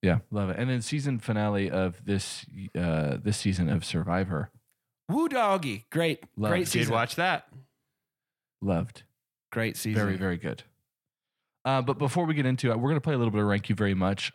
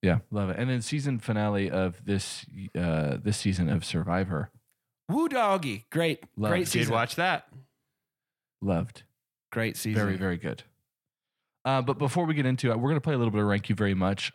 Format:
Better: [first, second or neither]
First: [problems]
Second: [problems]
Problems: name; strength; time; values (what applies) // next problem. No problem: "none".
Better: neither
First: none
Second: none